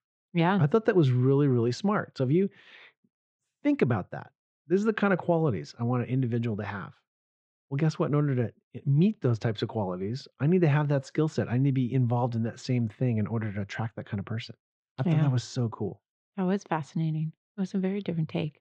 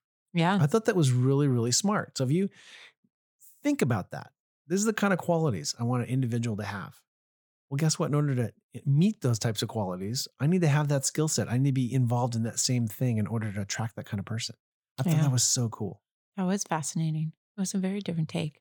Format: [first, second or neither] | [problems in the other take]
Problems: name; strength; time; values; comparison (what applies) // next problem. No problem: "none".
second | muffled; very; fading above 3 kHz